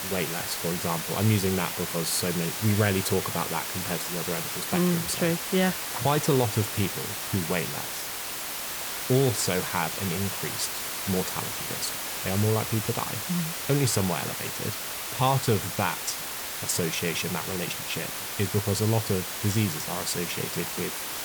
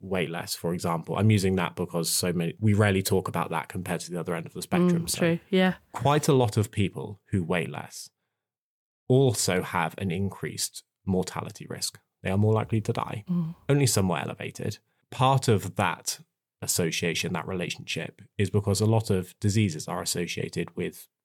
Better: second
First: hiss; loud; throughout; 2 dB below the speech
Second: none

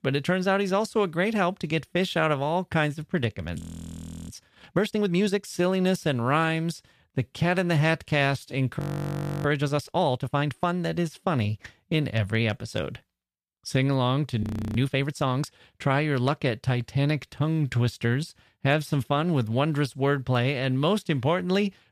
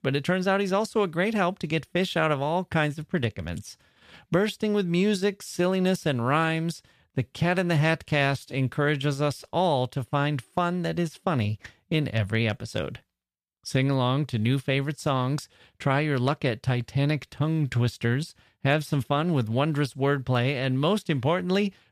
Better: second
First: audio freezing; at 3.5 s for 0.5 s, at 9 s for 0.5 s and at 14 s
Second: none

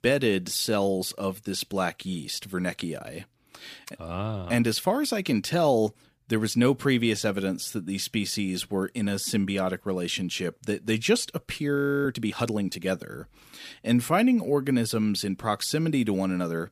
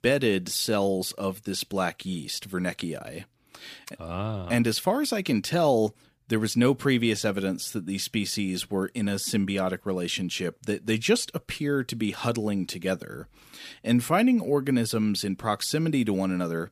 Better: second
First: audio freezing; at 12 s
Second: none

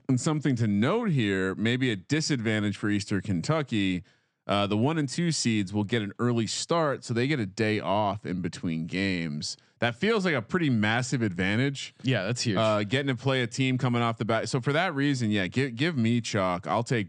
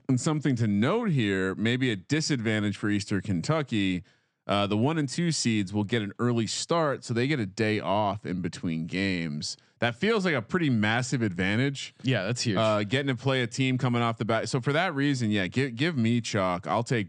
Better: neither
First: none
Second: none

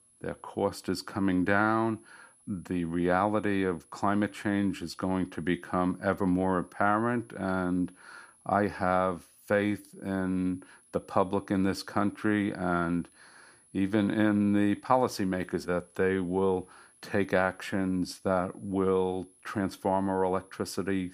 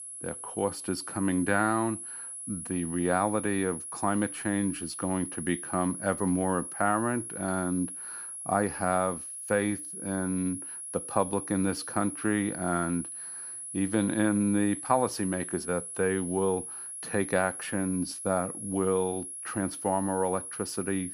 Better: first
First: high-pitched whine; faint; throughout; 10.5 kHz, 30 dB below the speech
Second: high-pitched whine; loud; throughout; 10.5 kHz, 7 dB below the speech

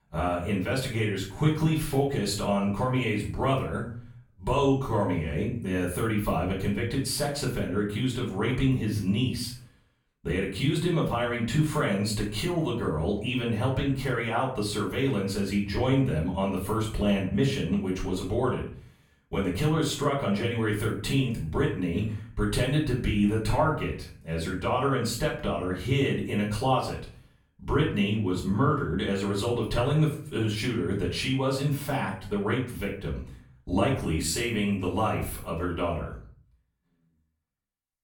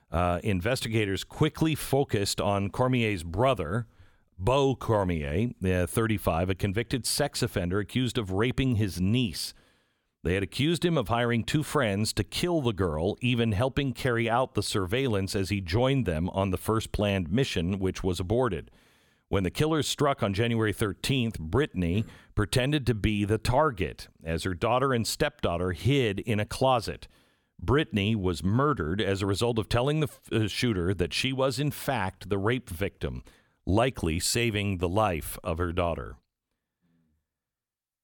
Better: second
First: room echo; slight; dies away in 0.4 s // off-mic speech; far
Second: none

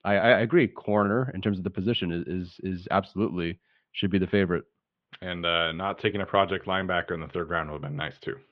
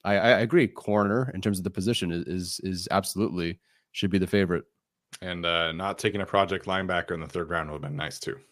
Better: second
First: muffled; very; fading above 3.5 kHz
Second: none

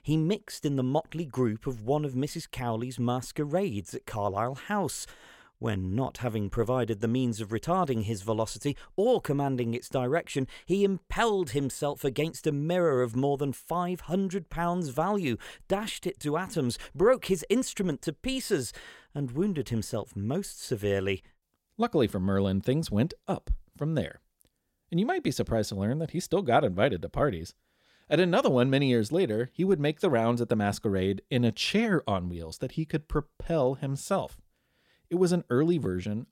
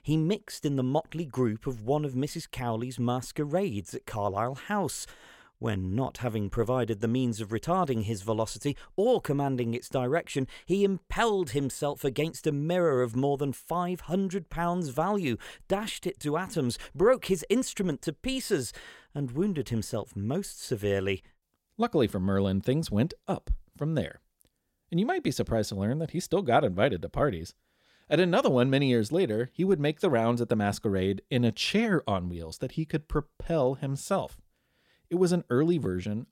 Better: neither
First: none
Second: none

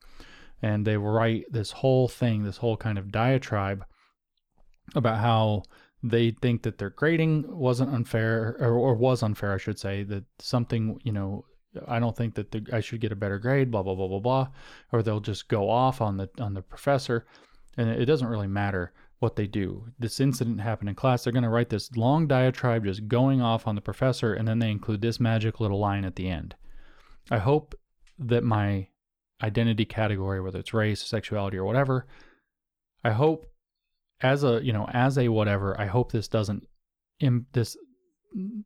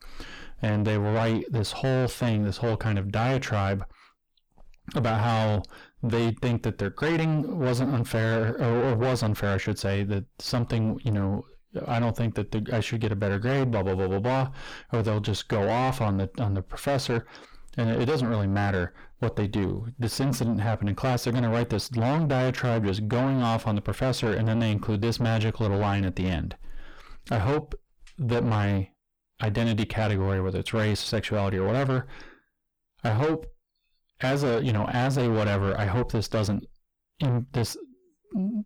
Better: first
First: none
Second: distortion; heavy; 6 dB below the speech

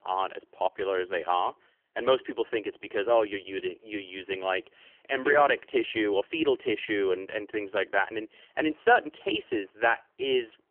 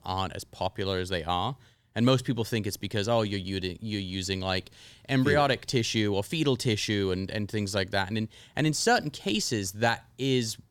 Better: second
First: phone-call audio; poor line; nothing above 3 kHz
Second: none

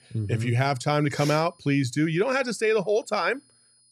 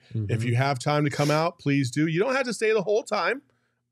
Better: second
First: high-pitched whine; faint; throughout; 9.5 kHz, 35 dB below the speech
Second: none

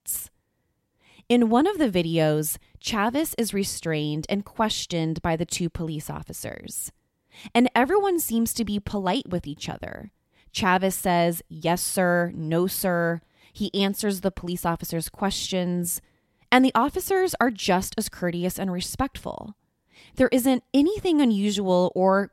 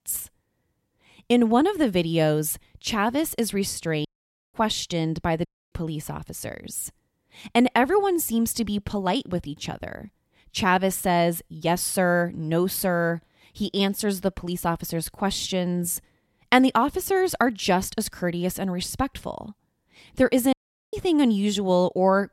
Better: first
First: none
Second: audio cutting out; at 4 s, at 5.5 s and at 21 s

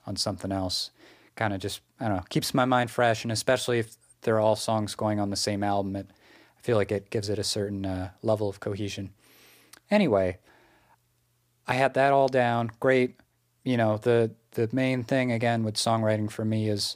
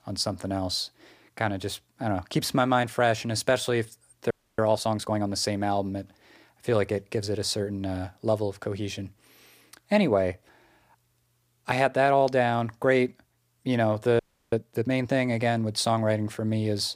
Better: first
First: none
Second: audio freezing; at 4.5 s and at 14 s

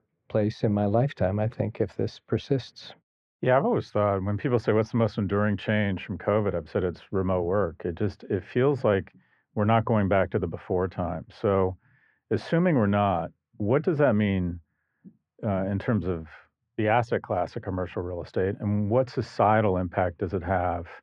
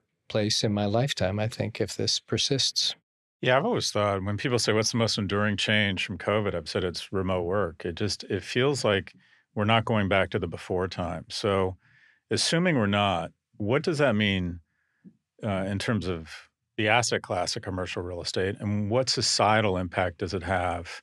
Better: second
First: muffled; very; fading above 3.5 kHz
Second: none

